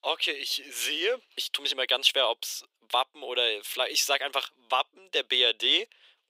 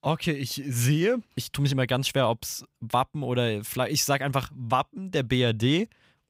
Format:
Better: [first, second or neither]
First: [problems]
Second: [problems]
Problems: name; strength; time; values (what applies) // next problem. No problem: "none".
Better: second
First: thin; very; fading below 400 Hz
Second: none